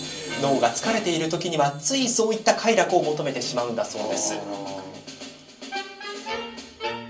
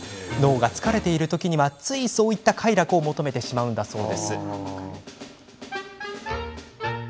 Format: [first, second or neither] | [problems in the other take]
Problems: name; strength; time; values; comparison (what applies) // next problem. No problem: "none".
second | room echo; dies away in 0.3 s